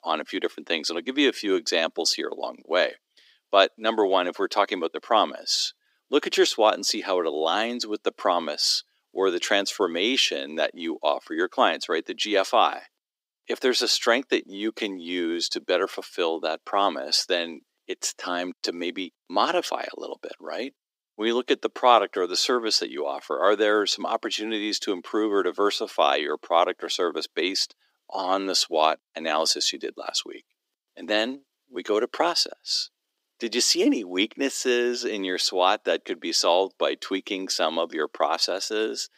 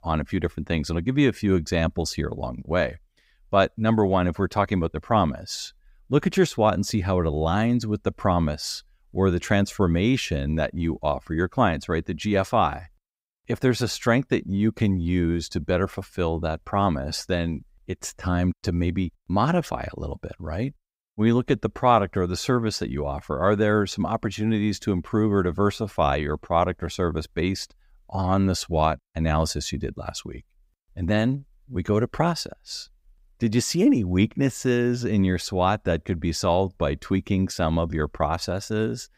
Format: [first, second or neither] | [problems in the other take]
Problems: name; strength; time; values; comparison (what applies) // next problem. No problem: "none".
second | thin; somewhat; fading below 300 Hz